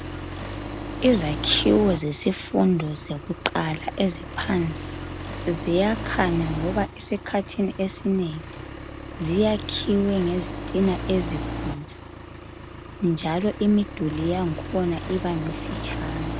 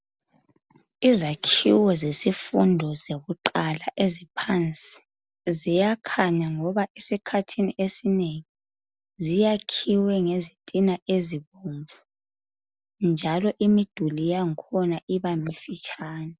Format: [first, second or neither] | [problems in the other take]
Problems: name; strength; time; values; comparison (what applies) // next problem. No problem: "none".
second | background sound (Accelerating, revving, vroom); 8 dB below the speech